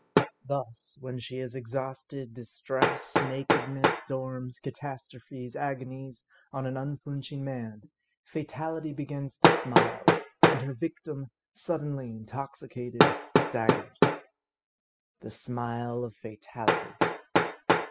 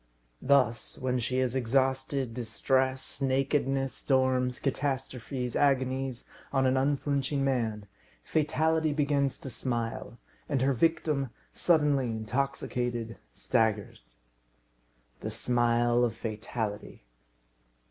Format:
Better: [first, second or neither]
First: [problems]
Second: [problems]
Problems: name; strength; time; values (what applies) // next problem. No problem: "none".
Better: second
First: noise reduction (classical method spectral subtraction)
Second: none